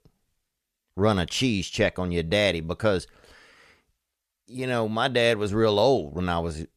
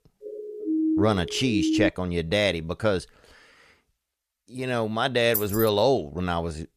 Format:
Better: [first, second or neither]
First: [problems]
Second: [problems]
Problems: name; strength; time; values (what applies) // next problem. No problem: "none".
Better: first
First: none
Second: siren; loud; until 2 s; peak 1 dB above the speech // jangling keys; noticeable; at 5.5 s; peak 3 dB below the speech